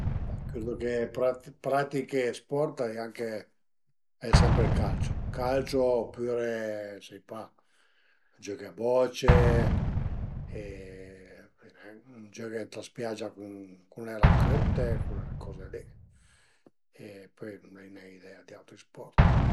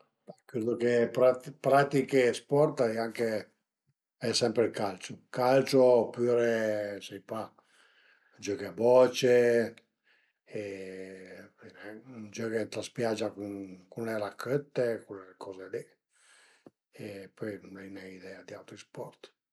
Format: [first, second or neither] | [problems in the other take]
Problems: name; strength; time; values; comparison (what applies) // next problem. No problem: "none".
second | background sound (Explosion); 3 dB above the speech